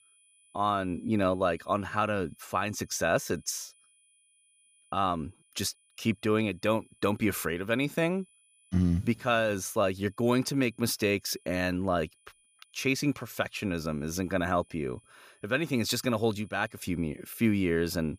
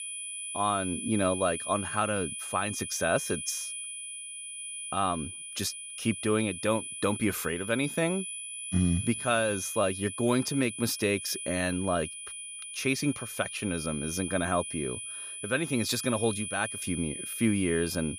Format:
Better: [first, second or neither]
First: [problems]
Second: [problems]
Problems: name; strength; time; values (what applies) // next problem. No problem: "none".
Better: first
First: high-pitched whine; faint; throughout; 10 kHz, 30 dB below the speech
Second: high-pitched whine; loud; throughout; 10 kHz, 6 dB below the speech